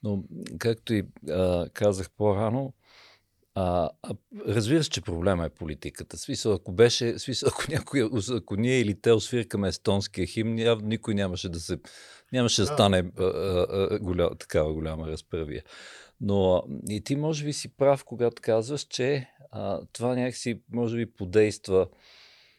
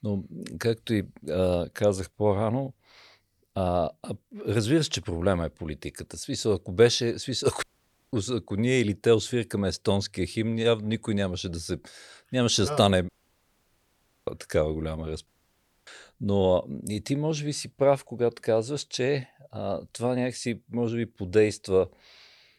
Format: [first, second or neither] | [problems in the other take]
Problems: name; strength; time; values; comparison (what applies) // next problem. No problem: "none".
first | audio cutting out; at 7.5 s for 0.5 s, at 13 s for 1 s and at 15 s for 0.5 s